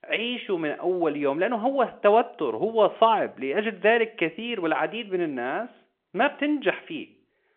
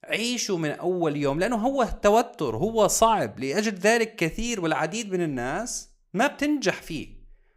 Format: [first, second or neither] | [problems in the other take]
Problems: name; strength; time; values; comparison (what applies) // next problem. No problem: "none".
second | phone-call audio